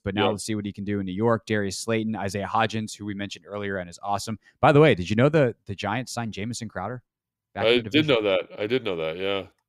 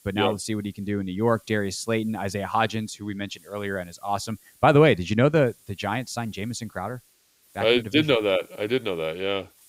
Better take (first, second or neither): first